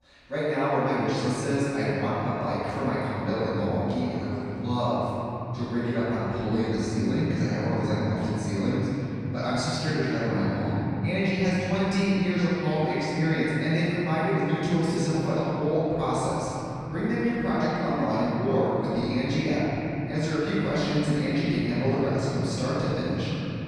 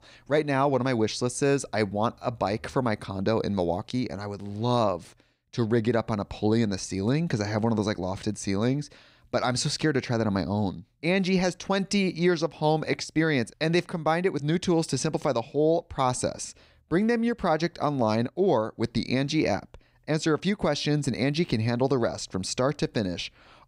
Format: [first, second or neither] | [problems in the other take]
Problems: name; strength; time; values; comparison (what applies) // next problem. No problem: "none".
second | room echo; strong; dies away in 3 s // off-mic speech; far